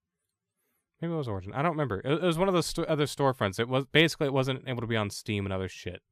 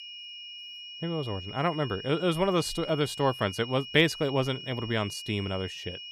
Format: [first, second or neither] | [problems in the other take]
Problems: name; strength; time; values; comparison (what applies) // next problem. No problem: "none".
first | high-pitched whine; noticeable; throughout; 3 kHz, 10 dB below the speech